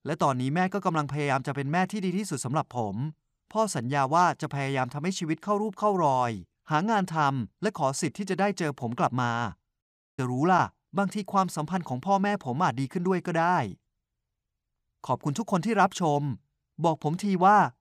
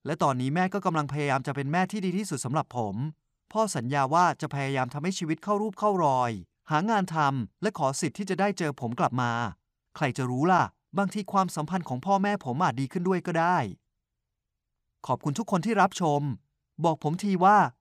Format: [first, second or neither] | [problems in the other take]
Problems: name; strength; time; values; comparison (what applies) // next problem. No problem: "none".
second | audio cutting out; at 10 s